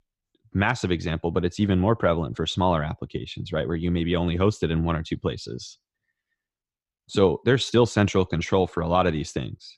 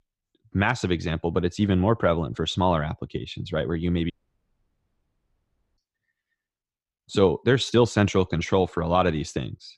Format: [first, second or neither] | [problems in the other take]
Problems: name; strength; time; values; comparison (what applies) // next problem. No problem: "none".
first | audio cutting out; at 4 s for 1.5 s